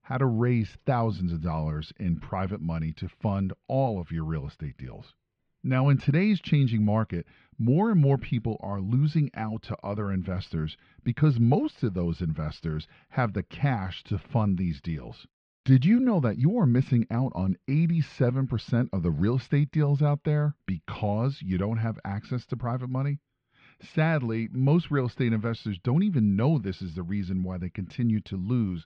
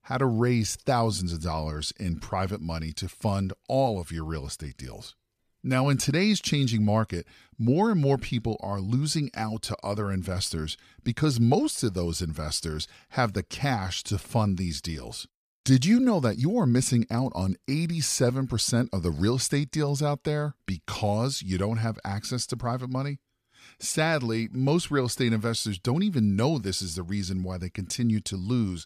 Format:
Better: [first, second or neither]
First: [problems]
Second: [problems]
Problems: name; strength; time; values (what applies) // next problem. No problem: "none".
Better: second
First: muffled; very; fading above 3 kHz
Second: none